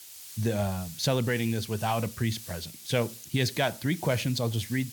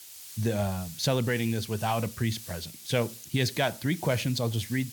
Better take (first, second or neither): neither